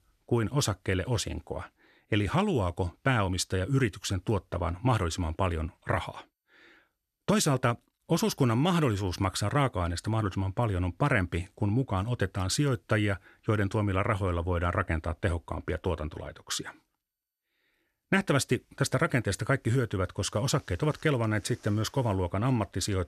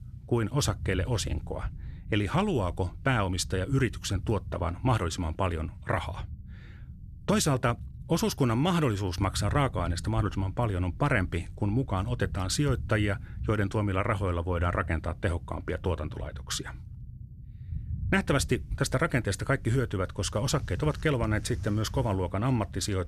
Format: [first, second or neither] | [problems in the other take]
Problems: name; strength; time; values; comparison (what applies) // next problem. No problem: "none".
first | low rumble; faint; throughout; 25 dB below the speech